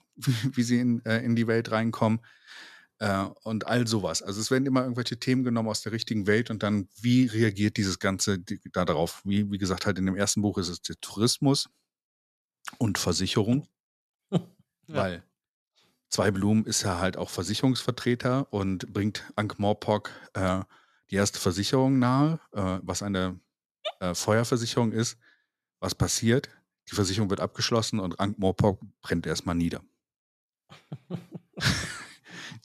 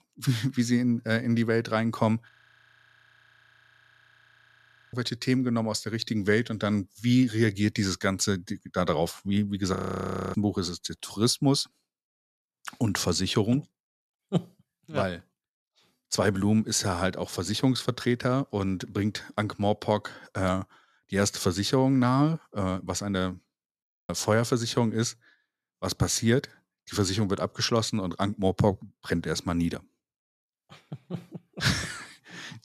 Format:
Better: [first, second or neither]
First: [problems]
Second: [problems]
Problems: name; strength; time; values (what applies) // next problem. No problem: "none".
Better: first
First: none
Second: audio freezing; at 2.5 s for 2.5 s, at 10 s for 0.5 s and at 24 s